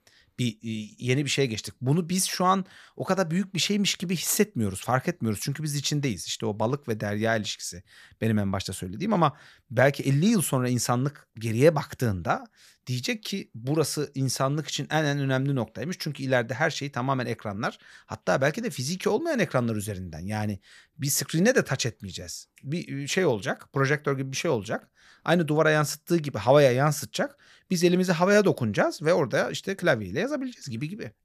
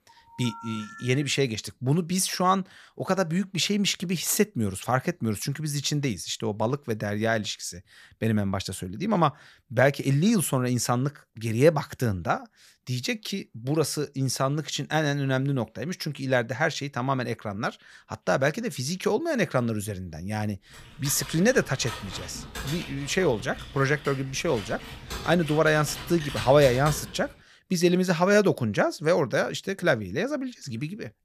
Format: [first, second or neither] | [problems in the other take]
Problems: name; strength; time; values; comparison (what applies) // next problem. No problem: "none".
first | phone ringing; faint; until 1.5 s; peak 15 dB below the speech // keyboard typing; noticeable; from 21 to 27 s; peak 7 dB below the speech